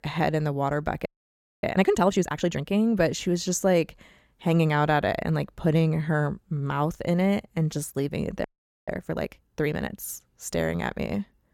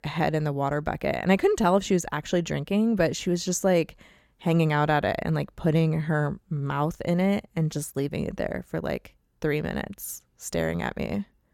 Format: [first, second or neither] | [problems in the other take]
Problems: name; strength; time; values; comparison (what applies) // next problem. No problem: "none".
second | audio freezing; at 1 s for 0.5 s and at 8.5 s